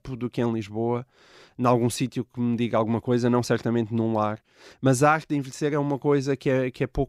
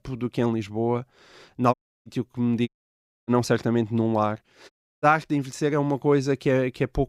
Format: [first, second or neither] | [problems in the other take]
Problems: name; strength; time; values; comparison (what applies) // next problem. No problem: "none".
first | audio cutting out; at 1.5 s, at 2.5 s for 0.5 s and at 4.5 s